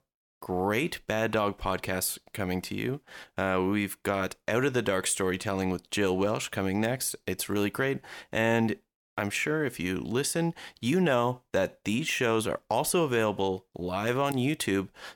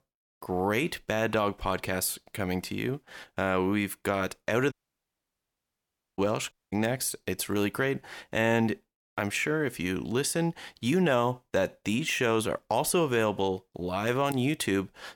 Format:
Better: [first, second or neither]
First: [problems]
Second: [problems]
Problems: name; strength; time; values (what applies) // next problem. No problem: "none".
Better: first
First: none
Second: audio cutting out; at 4.5 s for 1.5 s and at 6.5 s